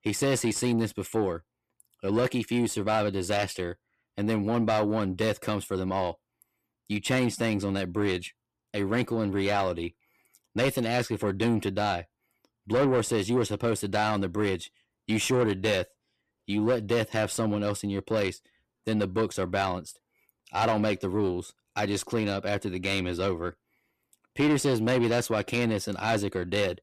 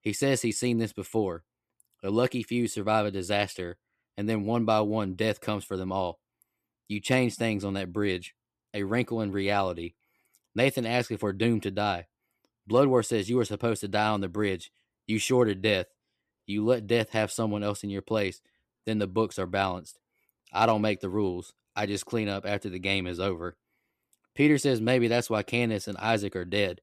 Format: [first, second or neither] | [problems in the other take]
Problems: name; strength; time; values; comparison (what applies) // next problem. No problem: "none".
second | distortion; slight; 10 dB below the speech